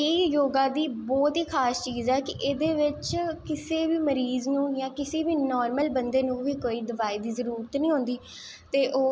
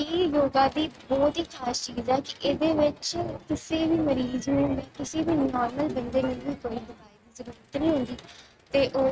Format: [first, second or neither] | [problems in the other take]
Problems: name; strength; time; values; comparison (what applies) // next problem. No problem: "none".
first | noise reduction (neural mask model RNNoise)